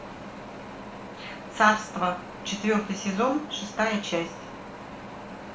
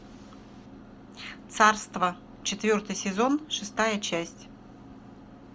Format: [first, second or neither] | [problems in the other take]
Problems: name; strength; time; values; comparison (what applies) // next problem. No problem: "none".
second | background sound (Wind); 12 dB below the speech // room echo; dies away in 0.4 s